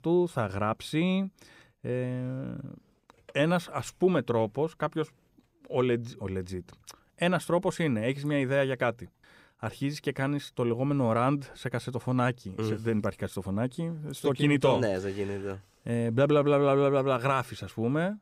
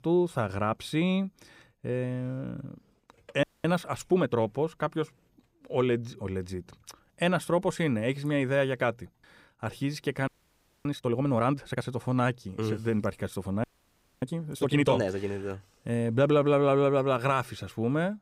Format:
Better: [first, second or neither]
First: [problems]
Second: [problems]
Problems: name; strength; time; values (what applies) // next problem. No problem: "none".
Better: first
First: none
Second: audio freezing; at 3.5 s, at 10 s for 0.5 s and at 14 s for 0.5 s